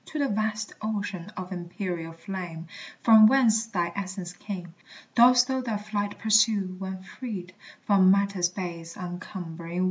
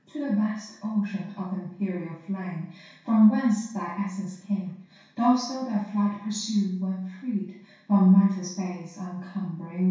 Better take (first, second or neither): first